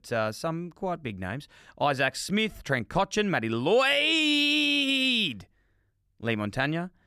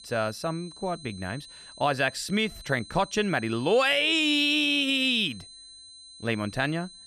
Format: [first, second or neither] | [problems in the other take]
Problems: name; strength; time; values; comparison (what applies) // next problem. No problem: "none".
first | high-pitched whine; noticeable; throughout; 4 kHz, 20 dB below the speech